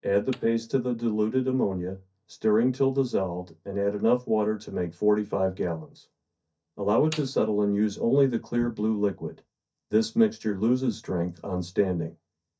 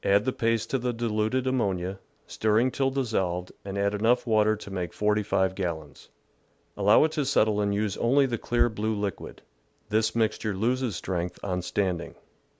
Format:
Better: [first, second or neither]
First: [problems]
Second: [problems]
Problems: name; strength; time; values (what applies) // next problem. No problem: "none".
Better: second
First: noise reduction (neural mask model DeepFilterNet 3)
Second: none